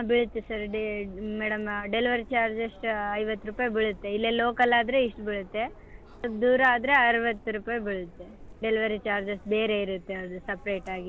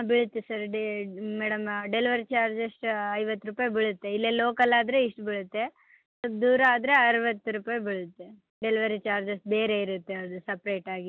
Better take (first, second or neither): second